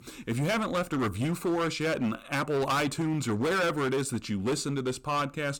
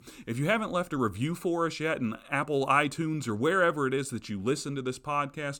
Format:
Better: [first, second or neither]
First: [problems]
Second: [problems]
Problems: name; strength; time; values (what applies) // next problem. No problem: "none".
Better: second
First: distortion; heavy; 19% of the sound clipped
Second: none